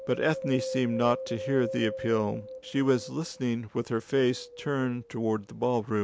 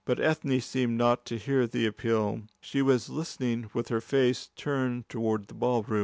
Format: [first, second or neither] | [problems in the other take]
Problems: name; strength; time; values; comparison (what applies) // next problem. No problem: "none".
second | background sound (Wind); 11 dB below the speech